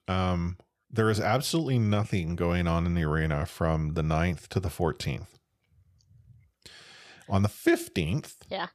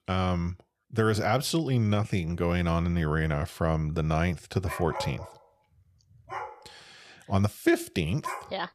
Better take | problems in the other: first | dog barking; noticeable; from 4.5 s on; peak 7 dB below the speech

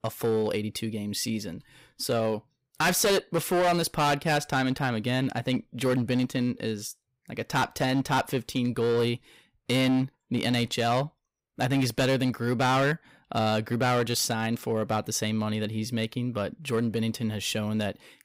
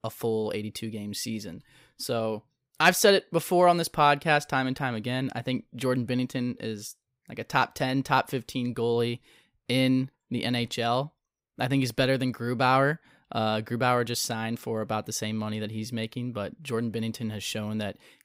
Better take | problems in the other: second | distortion; heavy; 8% of the sound clipped

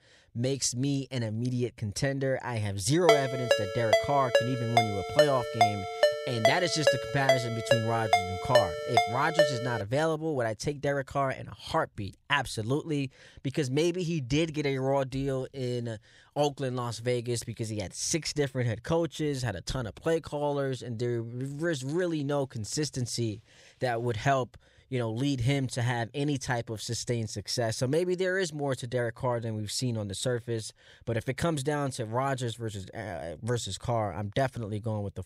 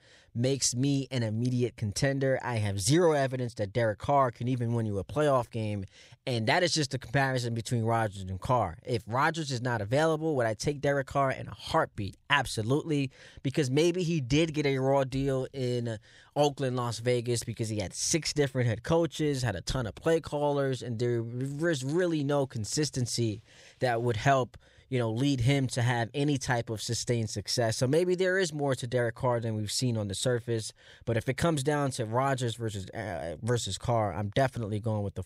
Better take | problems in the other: second | phone ringing; loud; from 3 to 9.5 s; peak 6 dB above the speech

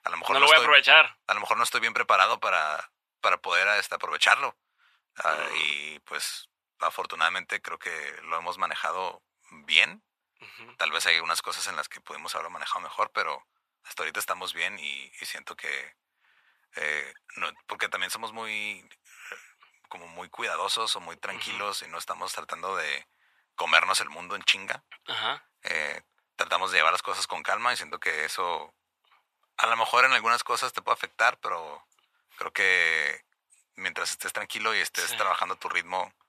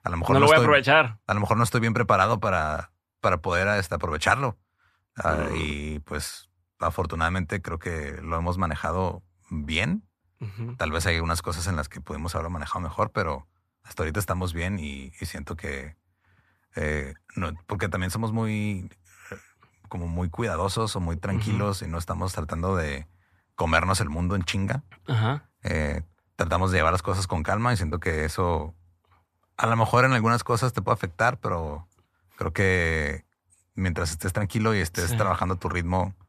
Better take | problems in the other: second | thin; very; fading below 800 Hz

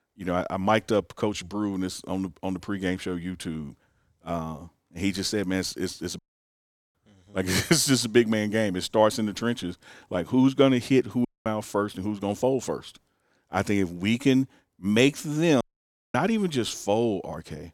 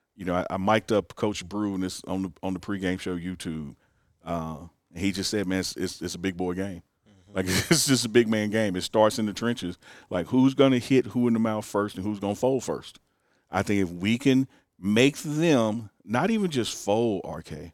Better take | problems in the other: second | audio cutting out; at 6 s for 1 s, at 11 s and at 16 s for 0.5 s

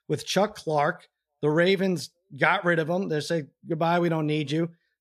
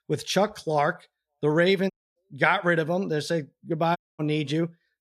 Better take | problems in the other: first | audio cutting out; at 2 s and at 4 s

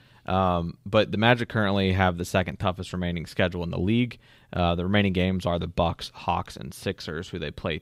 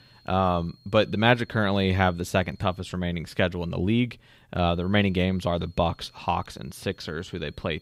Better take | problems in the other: first | high-pitched whine; faint; until 3 s and from 4.5 s on; 4.5 kHz, 30 dB below the speech

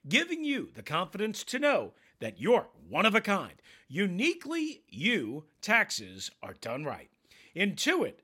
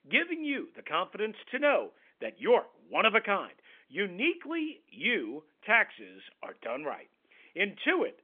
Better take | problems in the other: first | phone-call audio; nothing above 3.5 kHz

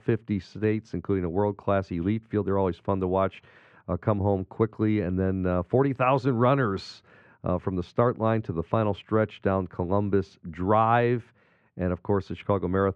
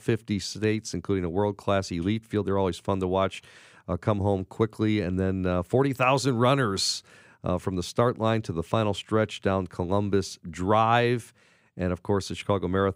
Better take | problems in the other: second | muffled; very; fading above 2 kHz

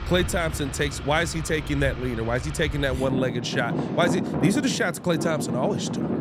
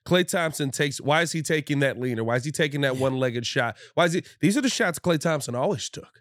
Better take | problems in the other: second | traffic noise; loud; throughout; 5 dB below the speech

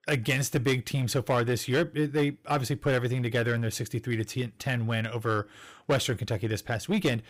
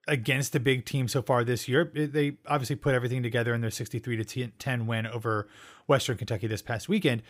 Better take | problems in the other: second | distortion; slight; 7% of the sound clipped

